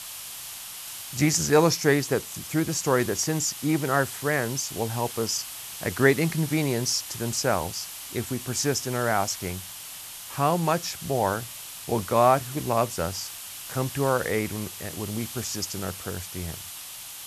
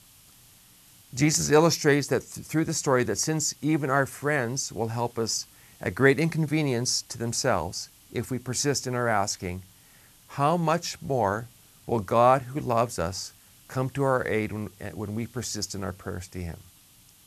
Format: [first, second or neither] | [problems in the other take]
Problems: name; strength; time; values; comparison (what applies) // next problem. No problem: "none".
second | hiss; loud; throughout; 10 dB below the speech; faint in the second